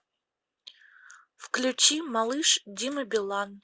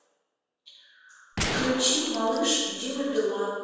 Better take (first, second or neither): first